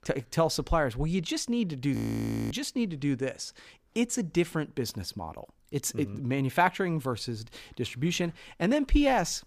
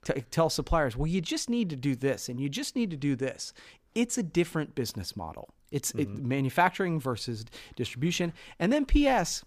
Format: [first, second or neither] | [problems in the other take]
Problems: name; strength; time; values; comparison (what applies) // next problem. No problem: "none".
second | audio freezing; at 2 s for 0.5 s